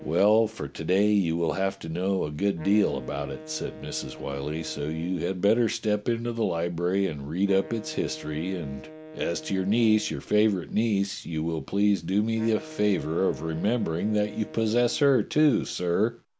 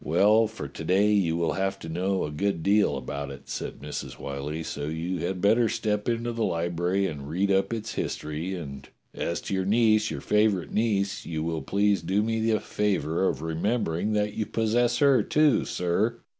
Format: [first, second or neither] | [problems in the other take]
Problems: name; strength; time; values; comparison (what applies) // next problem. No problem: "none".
second | background sound (Wind instrument, woodwind instrument); 19 dB below the speech